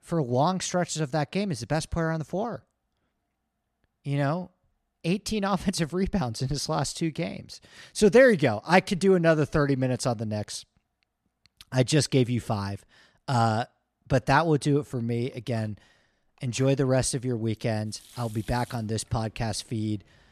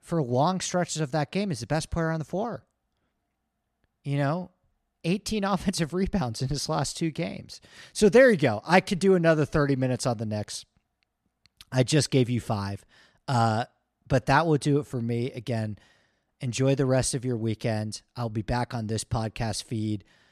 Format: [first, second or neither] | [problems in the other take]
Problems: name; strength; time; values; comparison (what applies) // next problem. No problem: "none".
second | household noises; faint; from 15 s on; 25 dB below the speech